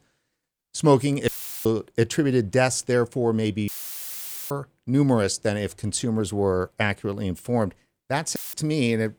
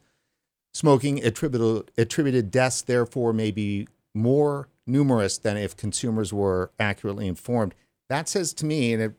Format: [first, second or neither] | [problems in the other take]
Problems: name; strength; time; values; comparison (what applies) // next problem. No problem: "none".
second | audio cutting out; filled with static; at 1.5 s, at 3.5 s for 1 s and at 8.5 s